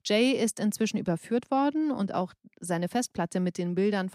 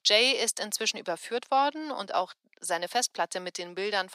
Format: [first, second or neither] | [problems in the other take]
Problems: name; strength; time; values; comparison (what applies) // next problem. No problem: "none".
first | thin; very; fading below 750 Hz